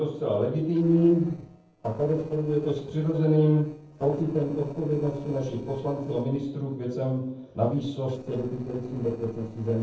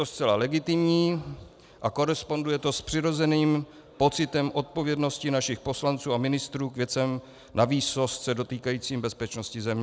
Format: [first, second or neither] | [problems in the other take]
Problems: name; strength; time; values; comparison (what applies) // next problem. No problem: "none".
second | noise reduction (neural separator model SepFormer DNS4)